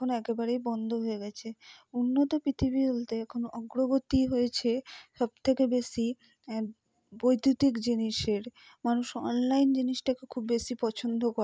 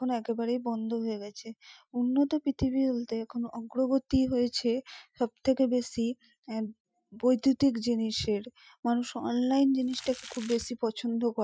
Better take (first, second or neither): first